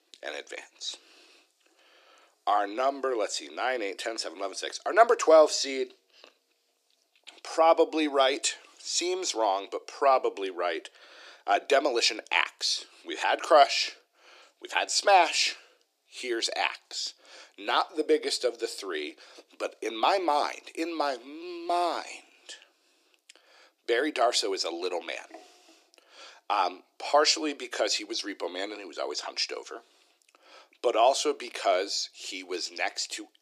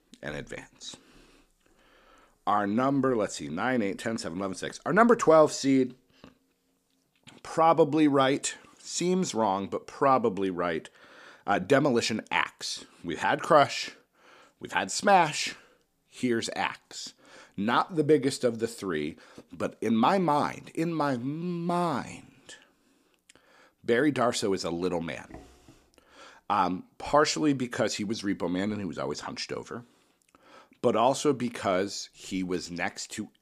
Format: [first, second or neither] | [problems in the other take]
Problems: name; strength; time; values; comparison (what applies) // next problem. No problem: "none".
second | thin; very; fading below 300 Hz